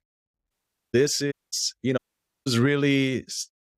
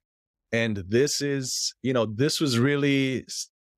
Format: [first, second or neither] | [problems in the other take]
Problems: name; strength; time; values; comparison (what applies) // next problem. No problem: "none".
second | audio cutting out; at 0.5 s, at 1.5 s and at 2 s